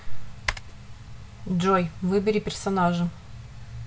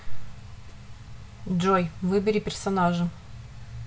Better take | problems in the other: second | background sound (Typing); 12 dB below the speech

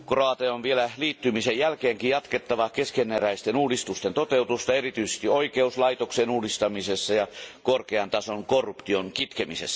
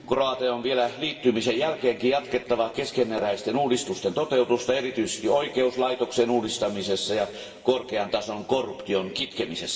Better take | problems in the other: first | room echo; dies away in 2.4 s

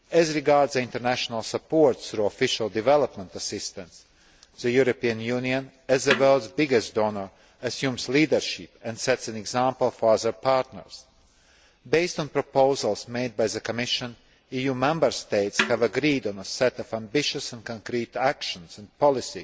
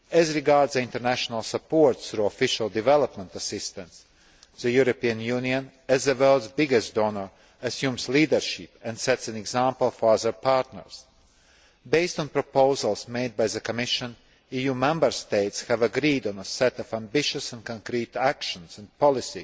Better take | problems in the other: second | background sound (Snare drum); 9 dB below the speech

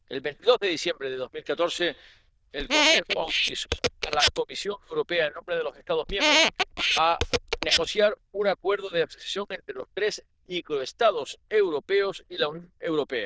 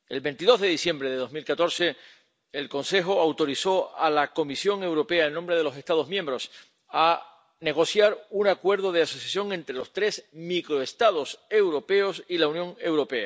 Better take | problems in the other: second | noise reduction (neural diffusion model UNIVERSE++)

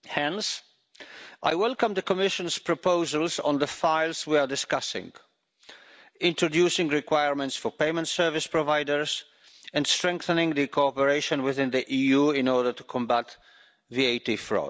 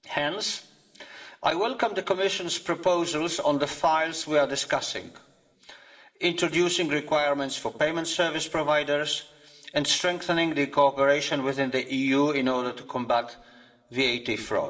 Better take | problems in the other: first | room echo; dies away in 1.4 s

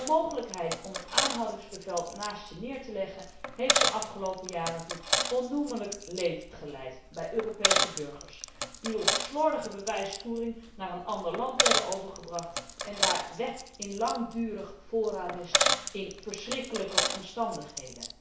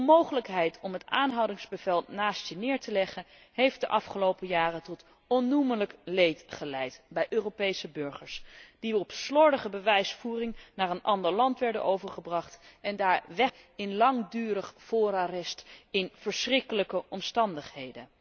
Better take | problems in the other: second | background sound (Coin (dropping)); 1 dB above the speech // room echo; dies away in 0.6 s

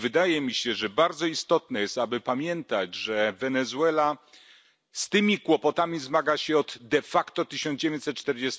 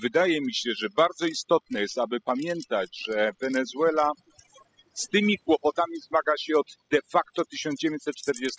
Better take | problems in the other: first | noise reduction (classical method spectral subtraction)

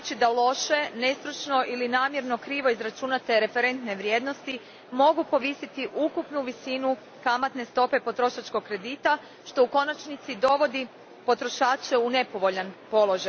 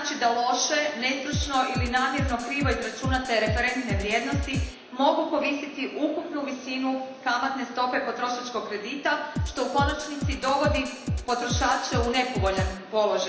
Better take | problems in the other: first | background sound (Drum kit); 4 dB below the speech // room echo; dies away in 1 s

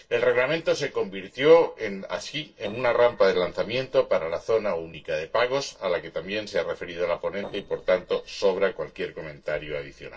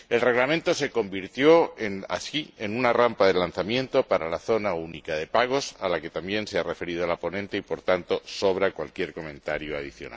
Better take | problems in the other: second | noise reduction (neural separator model SepFormer DNS4)

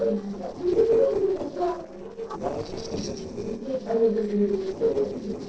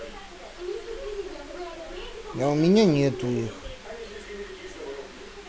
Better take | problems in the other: second | noise reduction (neural separator model SepFormer DNS4)

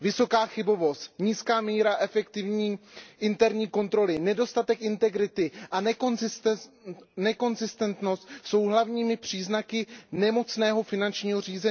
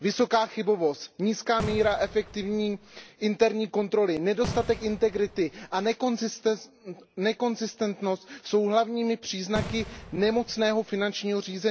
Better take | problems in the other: first | background sound (Fireworks); 11 dB below the speech

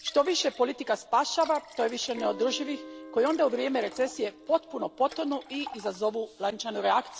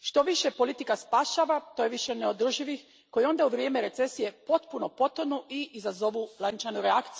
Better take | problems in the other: second | background sound (Guitar + Liquid); 17 dB below the speech

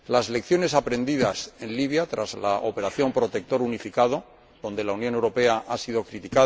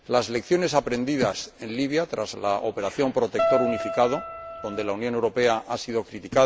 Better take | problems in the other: first | background sound (Keyboard (musical)); 2 dB below the speech

